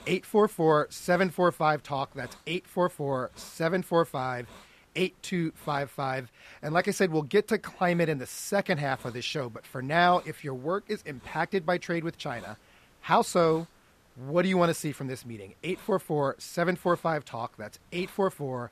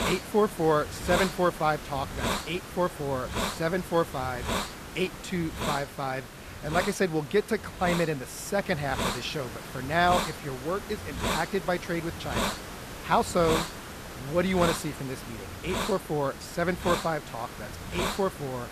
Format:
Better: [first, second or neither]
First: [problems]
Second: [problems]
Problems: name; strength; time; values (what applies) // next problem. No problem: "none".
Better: first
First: hiss; faint; throughout; 30 dB below the speech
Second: hiss; loud; throughout; 5 dB below the speech